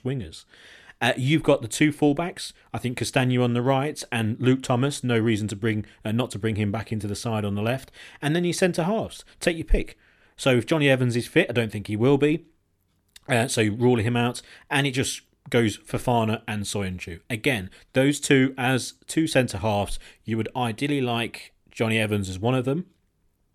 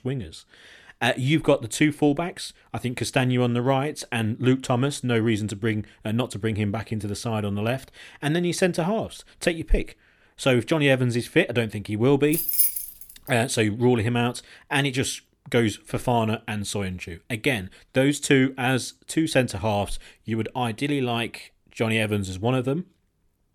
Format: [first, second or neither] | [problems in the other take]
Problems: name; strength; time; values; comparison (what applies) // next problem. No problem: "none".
first | jangling keys; loud; at 12 s; peak 5 dB above the speech